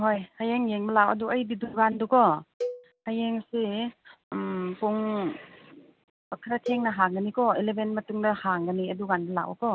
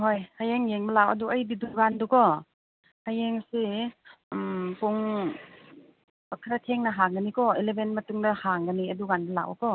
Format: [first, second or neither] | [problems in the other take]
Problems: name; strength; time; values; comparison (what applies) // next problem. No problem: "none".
second | background sound (Cowbell); 12 dB below the speech